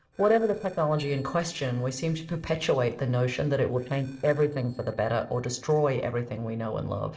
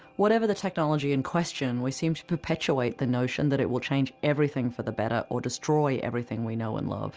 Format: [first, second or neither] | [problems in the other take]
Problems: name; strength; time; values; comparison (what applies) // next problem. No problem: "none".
second | noise reduction (neural separator model SepFormer DNS4)